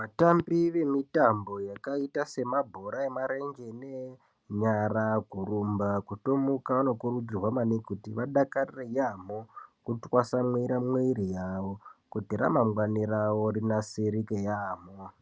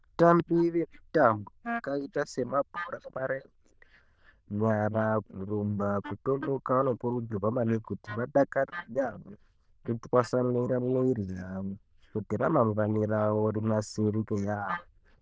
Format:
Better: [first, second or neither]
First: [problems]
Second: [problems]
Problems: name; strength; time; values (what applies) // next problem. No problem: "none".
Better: first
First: none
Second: noise reduction (neural diffusion model UNIVERSE++)